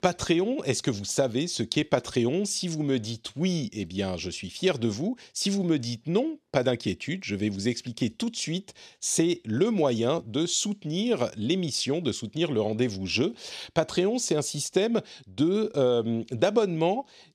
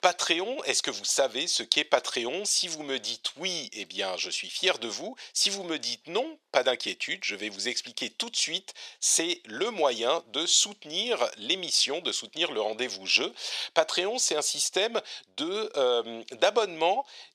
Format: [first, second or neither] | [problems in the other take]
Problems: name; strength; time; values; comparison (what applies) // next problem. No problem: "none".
first | thin; very; fading below 750 Hz